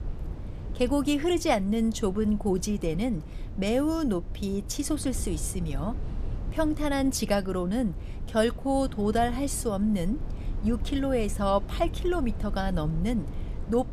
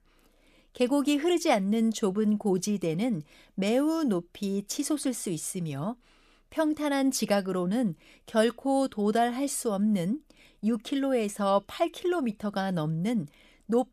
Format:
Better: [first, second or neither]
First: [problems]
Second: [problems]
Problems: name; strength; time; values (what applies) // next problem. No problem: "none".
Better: second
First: low rumble; noticeable; throughout; 20 dB below the speech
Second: none